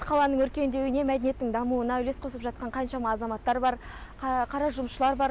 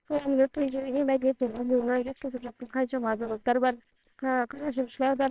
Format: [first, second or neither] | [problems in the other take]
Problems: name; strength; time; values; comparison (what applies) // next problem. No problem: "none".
first | noise reduction (neural separator model SepFormer WHAMR!)